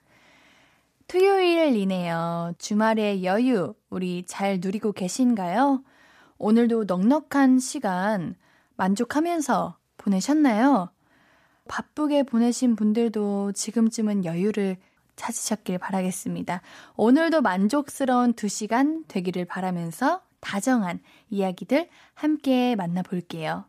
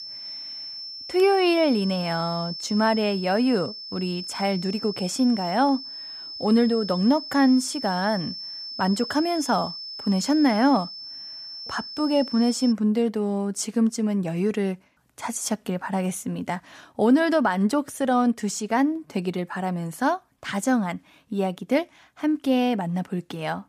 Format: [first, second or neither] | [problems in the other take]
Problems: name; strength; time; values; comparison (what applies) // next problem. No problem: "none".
first | high-pitched whine; loud; until 13 s; 5.5 kHz, 9 dB below the speech